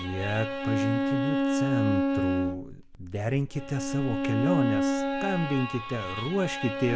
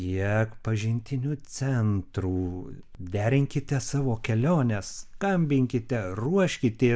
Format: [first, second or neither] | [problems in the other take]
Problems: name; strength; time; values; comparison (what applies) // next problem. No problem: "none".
second | background sound (Bowed string instrument); 1 dB above the speech